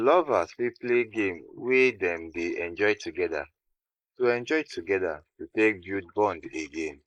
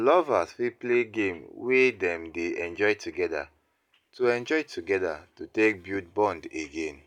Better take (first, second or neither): second